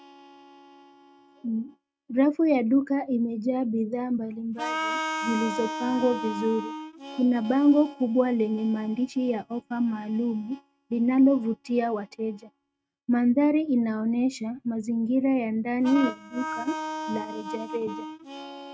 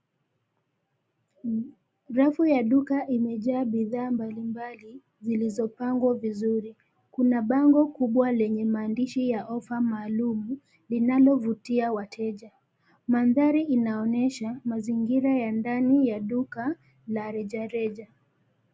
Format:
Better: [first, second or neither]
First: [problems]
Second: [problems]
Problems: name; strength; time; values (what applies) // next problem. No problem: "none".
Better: second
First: noise reduction (neural mask model RNNoise)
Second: none